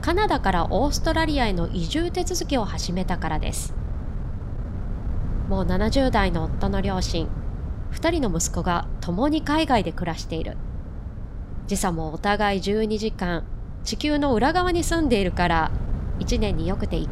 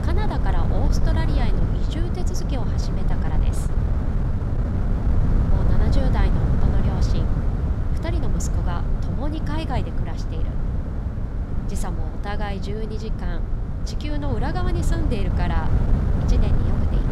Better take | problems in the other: first | wind noise on the microphone; heavy; 1 dB below the speech; occasional gusts in the first

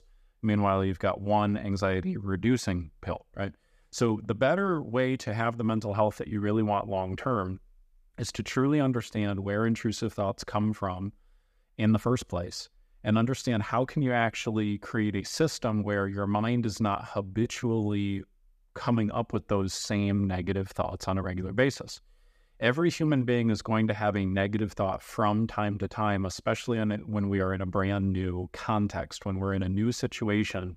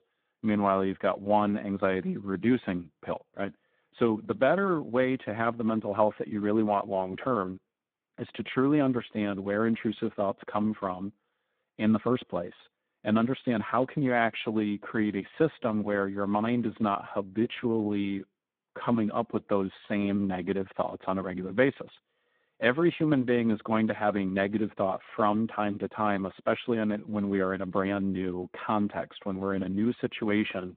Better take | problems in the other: first | phone-call audio

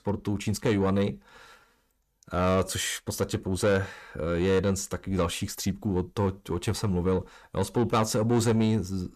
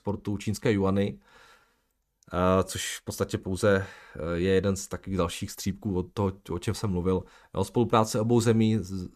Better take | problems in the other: second | distortion; slight; 10 dB below the speech

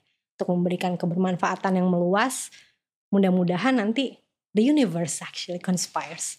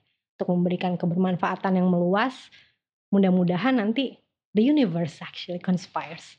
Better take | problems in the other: first | muffled; slightly; fading above 4 kHz

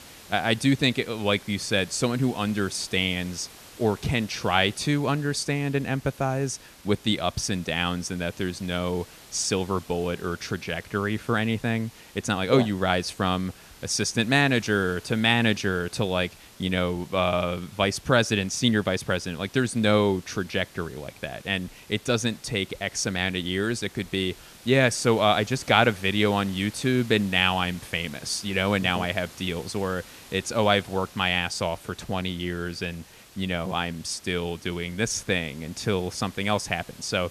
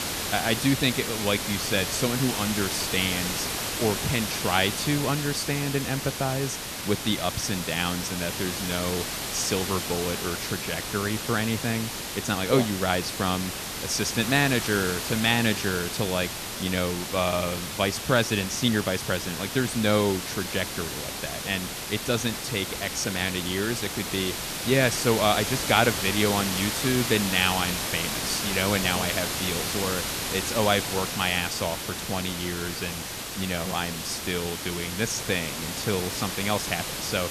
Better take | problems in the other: first | hiss; loud; throughout; 3 dB below the speech; faint in the first

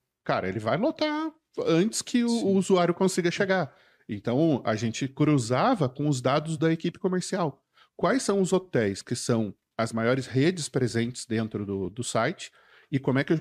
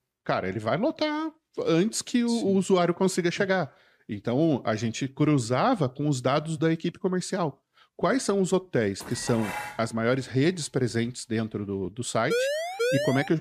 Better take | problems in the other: first | clattering dishes; noticeable; at 9 s; peak 7 dB below the speech // siren; loud; at 12 s; peak level with the speech

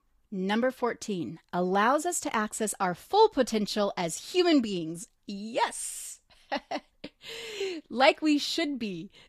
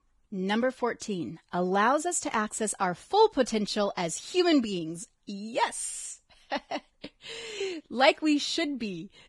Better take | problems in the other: first | garbled, watery; badly; nothing above 10 kHz; slightly in the first

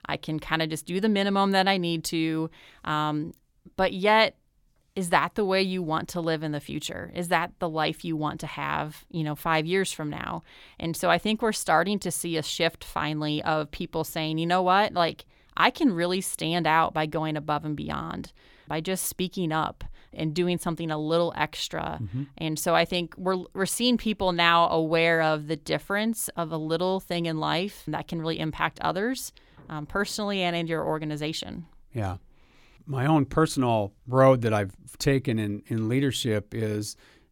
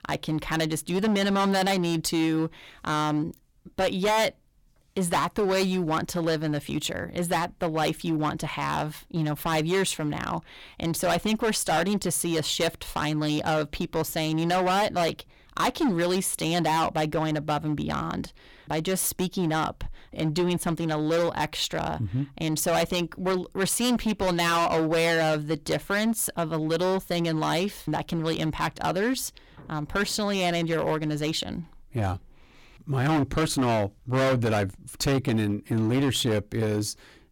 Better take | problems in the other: first | distortion; heavy; 13% of the sound clipped

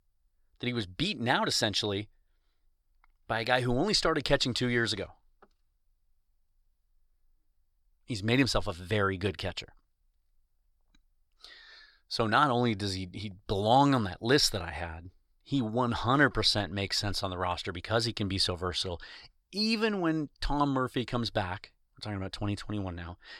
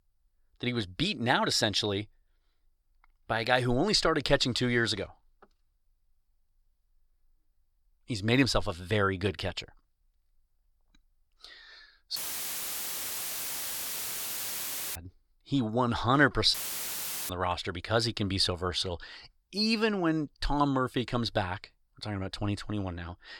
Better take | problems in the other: first | audio cutting out; filled with static; at 12 s for 3 s and at 17 s for 1 s

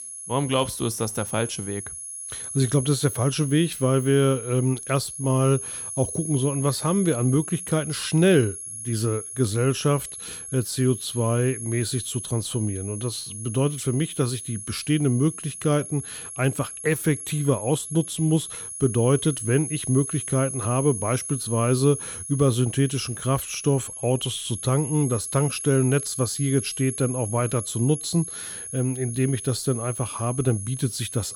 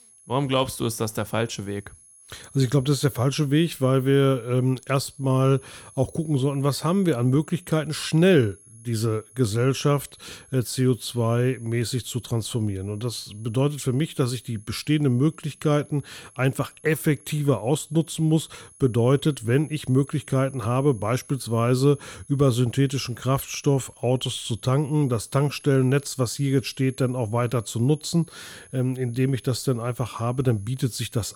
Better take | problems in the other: second | high-pitched whine; loud; throughout; 10.5 kHz, 8 dB below the speech; faint in the second

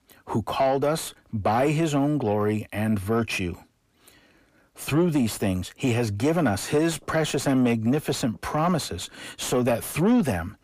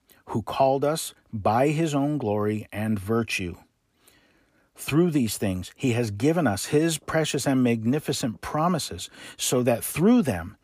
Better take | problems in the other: second | distortion; slight; 10 dB below the speech

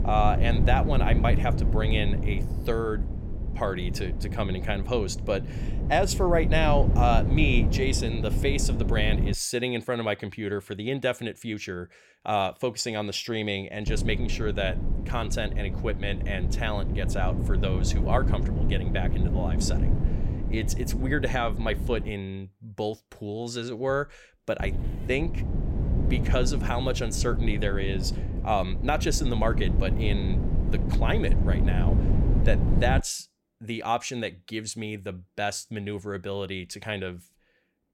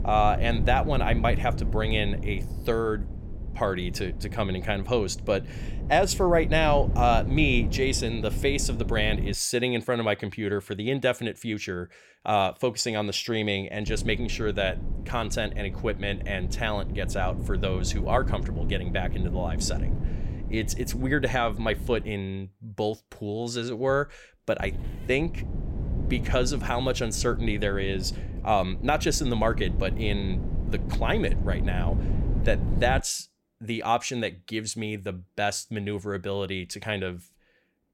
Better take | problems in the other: second | wind noise on the microphone; heavy; until 9.5 s, from 14 to 22 s and from 25 to 33 s; 9 dB below the speech; occasional gusts in the second

